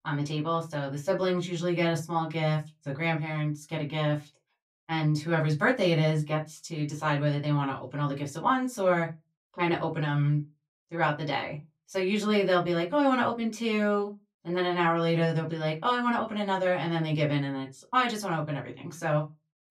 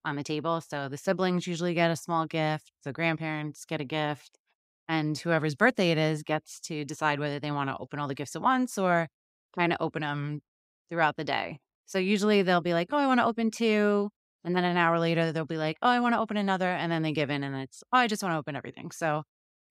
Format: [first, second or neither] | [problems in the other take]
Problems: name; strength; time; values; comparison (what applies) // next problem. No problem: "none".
second | off-mic speech; far // room echo; very slight; dies away in 0.2 s